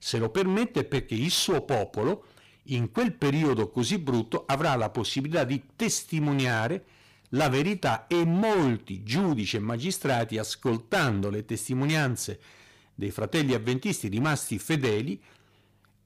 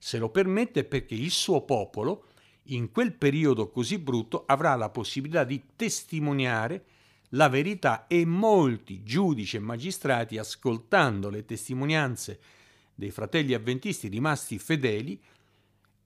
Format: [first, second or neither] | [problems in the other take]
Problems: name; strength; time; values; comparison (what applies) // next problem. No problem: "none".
second | distortion; heavy; 12% of the sound clipped